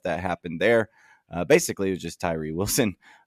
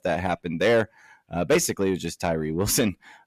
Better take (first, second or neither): first